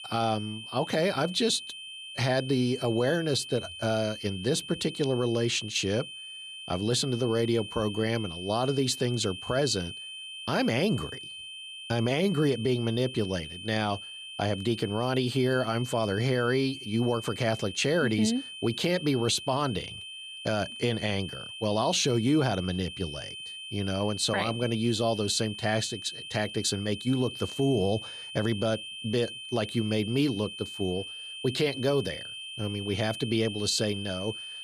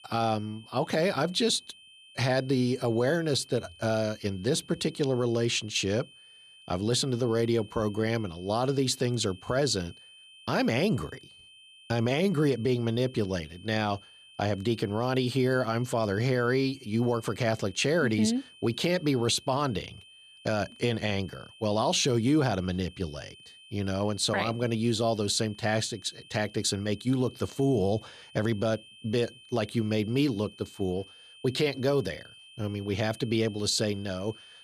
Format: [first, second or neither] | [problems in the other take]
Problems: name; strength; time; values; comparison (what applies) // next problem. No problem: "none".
second | high-pitched whine; loud; throughout; 3 kHz, 10 dB below the speech; faint in the second